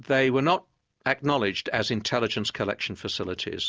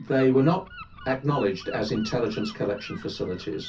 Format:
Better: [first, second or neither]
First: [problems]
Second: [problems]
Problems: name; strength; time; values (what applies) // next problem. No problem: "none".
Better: first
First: none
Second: background sound (Gull, seagull / Wind); 18 dB below the speech // room echo; dies away in 0.3 s